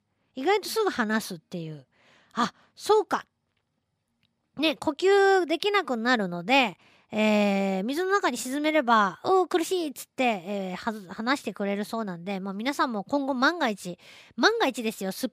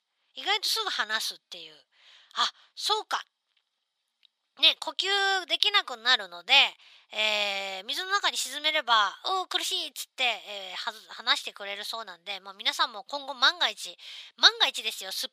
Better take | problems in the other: first | thin; very; fading below 950 Hz

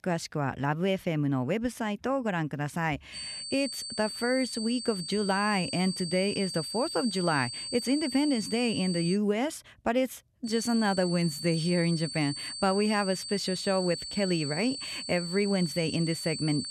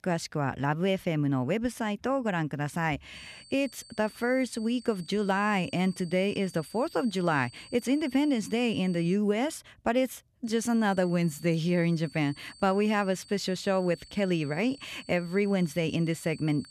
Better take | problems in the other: second | high-pitched whine; loud; from 3 to 9 s and from 10 s on; 4.5 kHz, 6 dB below the speech; faint in the second

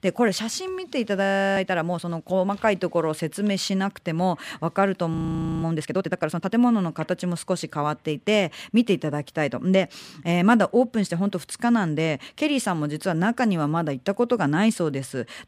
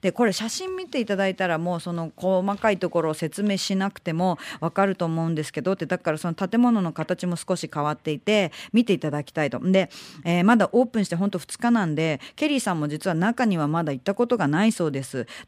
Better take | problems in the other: second | audio freezing; at 1 s and at 5 s

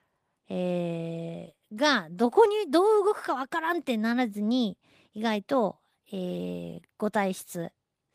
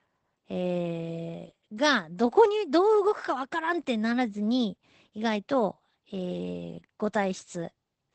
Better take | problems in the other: first | garbled, watery; badly; nothing above 8 kHz; slightly in the first

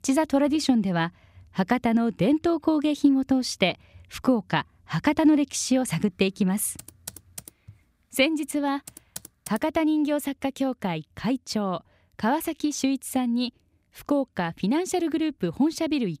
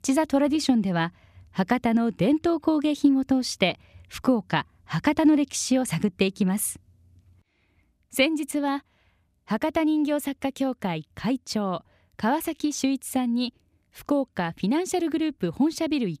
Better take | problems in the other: second | keyboard typing; faint; from 7 to 9.5 s; peak 15 dB below the speech

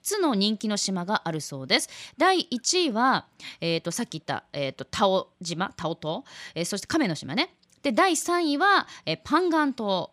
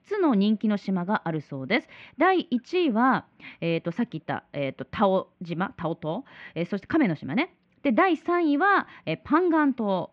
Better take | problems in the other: first | muffled; very; fading above 2.5 kHz

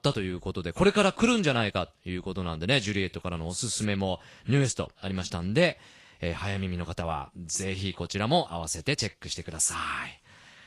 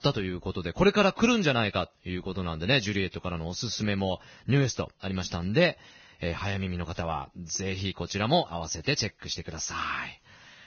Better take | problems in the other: first | garbled, watery; badly; nothing above 6.5 kHz; slightly in the first

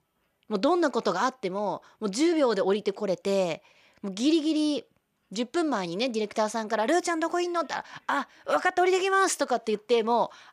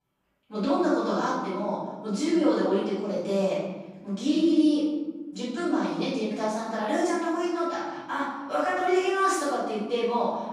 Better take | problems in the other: first | off-mic speech; far // room echo; strong; dies away in 1.3 s

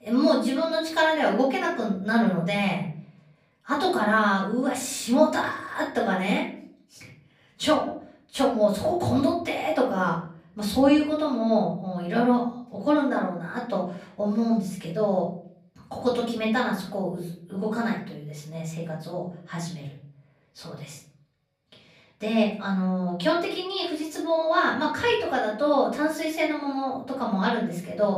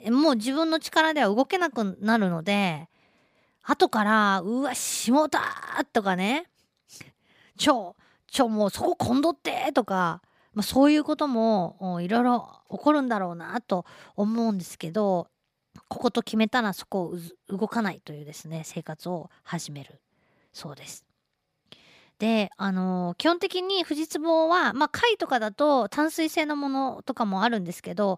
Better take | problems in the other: second | off-mic speech; far // room echo; slight; dies away in 0.6 s

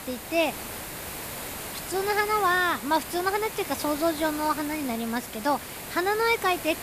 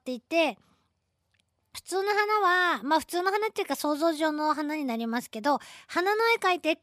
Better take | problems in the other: second | hiss; loud; throughout; 9 dB below the speech

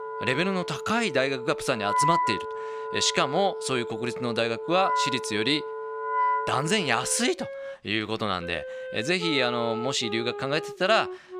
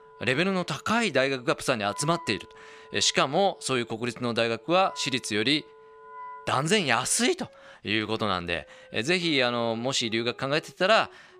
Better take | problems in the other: second | background music; loud; throughout; 5 dB below the speech; faint in the second

